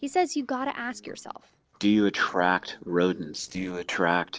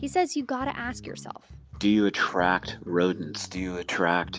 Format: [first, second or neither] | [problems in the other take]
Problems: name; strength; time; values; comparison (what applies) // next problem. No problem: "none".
second | noise reduction (neural separator model SepFormer DNS4)